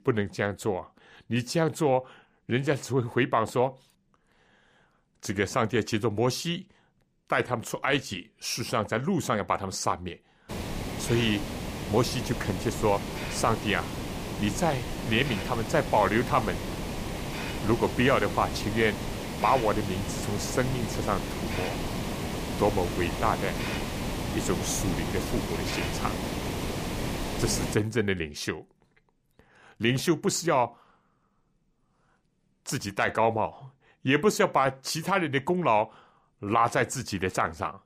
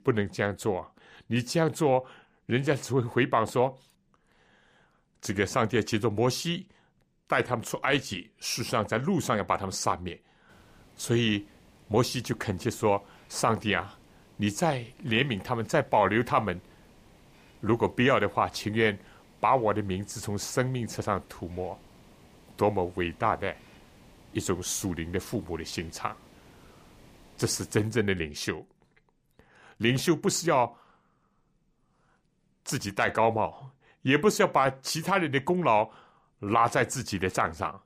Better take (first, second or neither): second